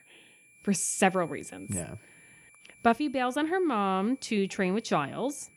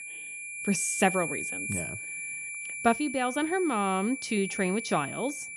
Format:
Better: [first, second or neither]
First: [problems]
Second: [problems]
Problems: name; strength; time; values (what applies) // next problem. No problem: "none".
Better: first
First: high-pitched whine; faint; throughout; 2.5 kHz, 25 dB below the speech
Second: high-pitched whine; loud; throughout; 2.5 kHz, 5 dB below the speech